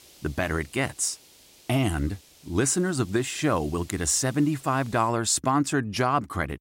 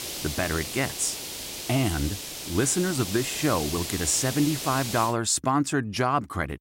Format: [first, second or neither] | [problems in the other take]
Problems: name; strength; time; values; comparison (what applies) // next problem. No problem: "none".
first | hiss; loud; until 5 s; 6 dB below the speech; faint in the first